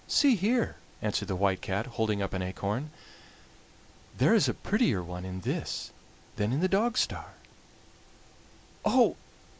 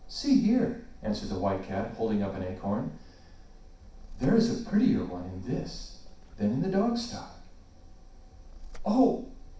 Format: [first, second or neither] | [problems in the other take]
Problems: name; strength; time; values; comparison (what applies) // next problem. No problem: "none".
first | background sound (Purr); 14 dB below the speech // room echo; dies away in 0.6 s